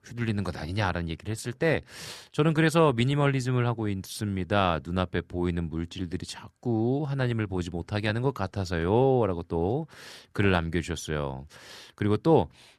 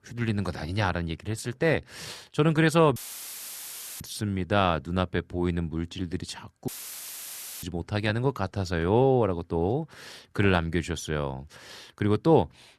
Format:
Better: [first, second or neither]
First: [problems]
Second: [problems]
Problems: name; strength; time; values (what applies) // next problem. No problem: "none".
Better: first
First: none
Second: audio cutting out; filled with static; at 3 s for 1 s and at 6.5 s for 1 s